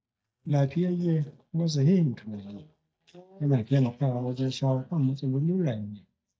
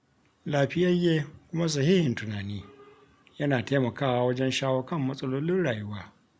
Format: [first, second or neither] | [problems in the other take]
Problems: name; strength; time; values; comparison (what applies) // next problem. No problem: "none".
second | noise reduction (neural mask model DeepFilterNet 3)